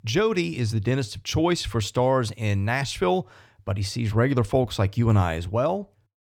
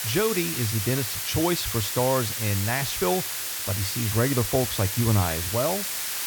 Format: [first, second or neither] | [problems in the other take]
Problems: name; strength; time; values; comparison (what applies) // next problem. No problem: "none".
first | hiss; loud; throughout; 1 dB below the speech